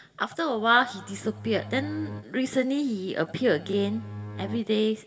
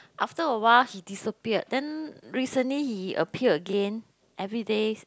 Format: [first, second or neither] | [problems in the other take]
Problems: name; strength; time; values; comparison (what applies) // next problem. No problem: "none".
second | background sound (Bowed string instrument); 13 dB below the speech // room echo; dies away in 1.1 s